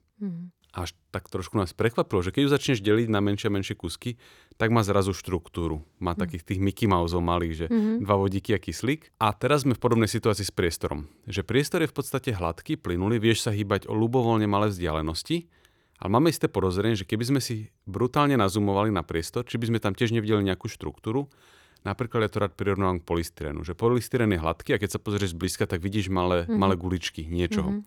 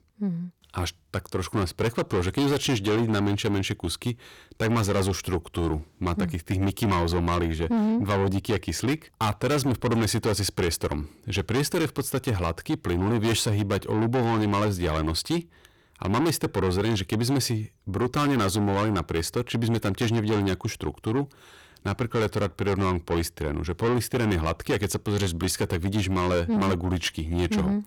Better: first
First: none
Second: distortion; heavy; 7 dB below the speech

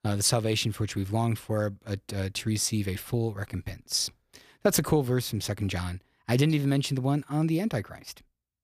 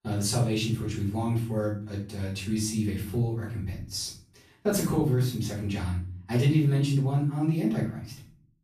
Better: first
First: none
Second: off-mic speech; far // room echo; noticeable; dies away in 0.6 s

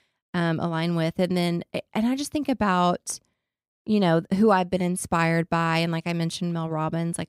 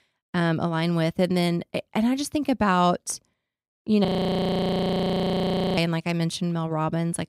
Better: first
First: none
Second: audio freezing; at 4 s for 1.5 s

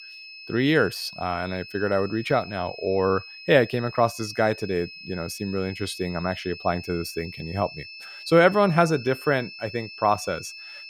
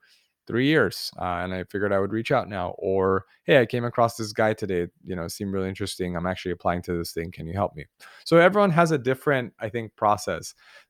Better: second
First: high-pitched whine; noticeable; throughout; 2.5 kHz, 15 dB below the speech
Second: none

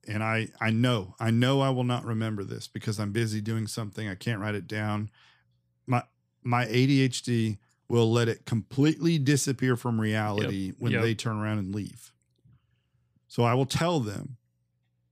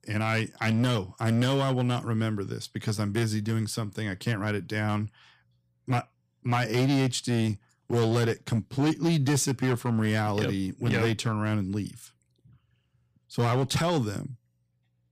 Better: first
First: none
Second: distortion; slight; 6% of the sound clipped

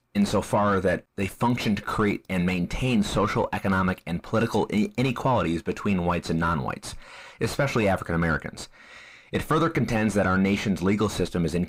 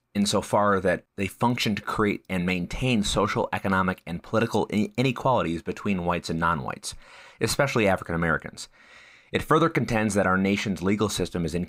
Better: second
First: distortion; slight; 9 dB below the speech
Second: none

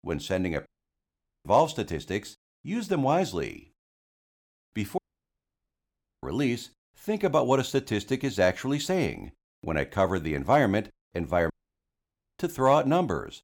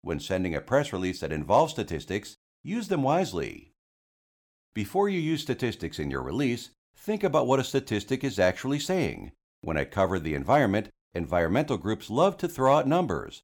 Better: second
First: audio cutting out; at 0.5 s for 1 s, at 5 s for 1.5 s and at 12 s for 1 s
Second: none

